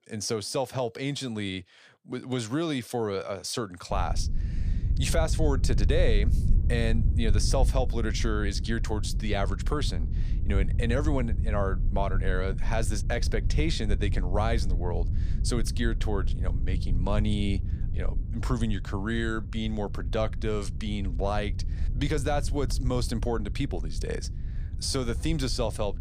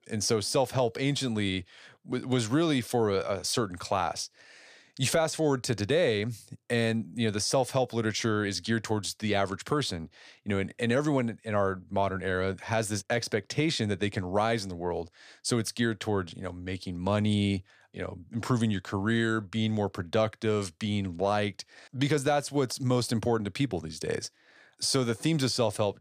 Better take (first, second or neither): second